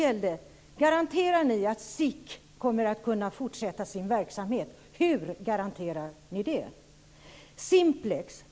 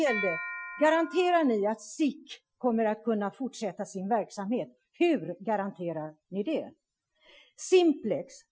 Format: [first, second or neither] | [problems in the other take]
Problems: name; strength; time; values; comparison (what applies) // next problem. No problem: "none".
first | noise reduction (classical method Wiener filter)